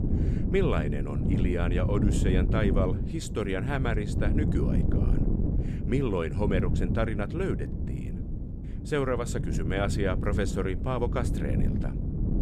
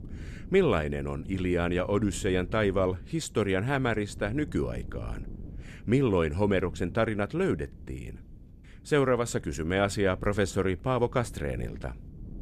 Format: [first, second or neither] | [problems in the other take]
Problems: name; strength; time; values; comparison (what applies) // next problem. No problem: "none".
second | wind noise on the microphone; heavy; 7 dB below the speech; occasional gusts in the second